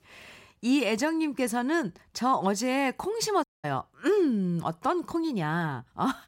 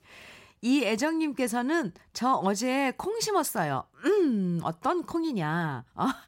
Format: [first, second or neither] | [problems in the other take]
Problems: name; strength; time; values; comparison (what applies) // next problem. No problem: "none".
second | audio cutting out; at 3.5 s